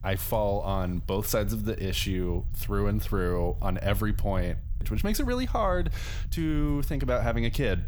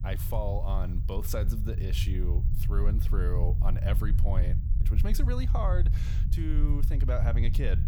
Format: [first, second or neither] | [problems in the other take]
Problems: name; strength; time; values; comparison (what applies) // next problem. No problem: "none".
first | low rumble; loud; throughout; 7 dB below the speech; faint in the first